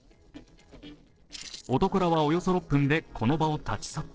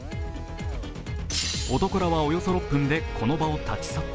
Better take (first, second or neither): second